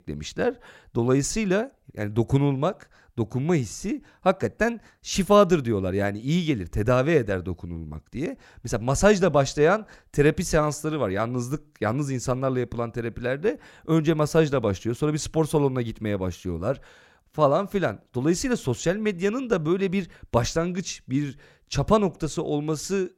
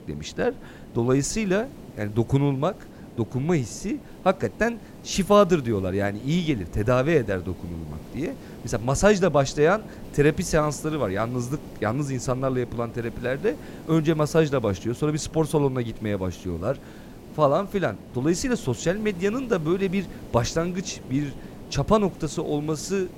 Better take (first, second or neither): first